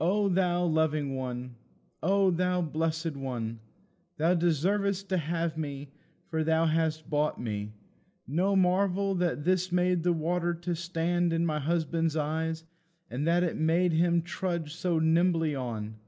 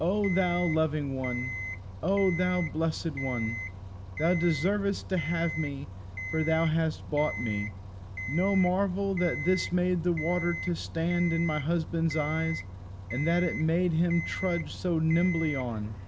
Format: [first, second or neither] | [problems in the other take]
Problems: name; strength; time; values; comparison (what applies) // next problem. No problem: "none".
first | background sound (Bus + Alarm); 8 dB below the speech